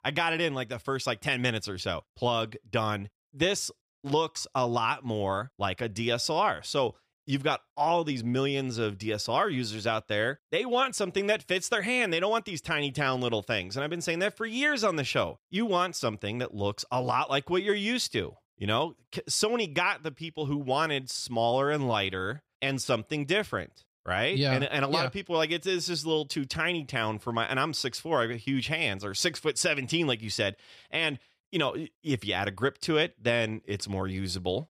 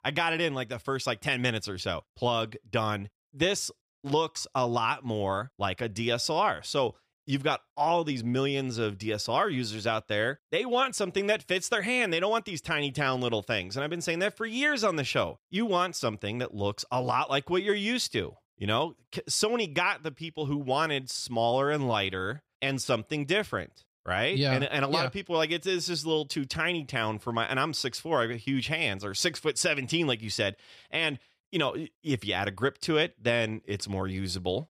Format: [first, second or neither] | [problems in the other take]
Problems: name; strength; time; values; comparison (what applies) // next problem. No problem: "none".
neither | none